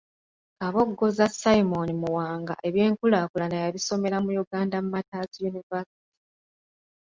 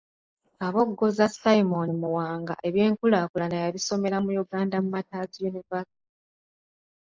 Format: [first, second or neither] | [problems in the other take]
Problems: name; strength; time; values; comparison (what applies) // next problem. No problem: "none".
first | noise reduction (neural mask model Resemble Enhance denoiser)